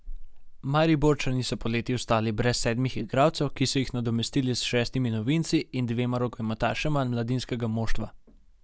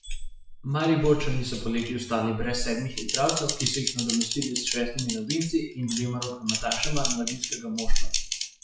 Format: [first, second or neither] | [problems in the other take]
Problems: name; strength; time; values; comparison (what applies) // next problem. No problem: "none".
first | noise reduction (classical method WPE with log-MMSE)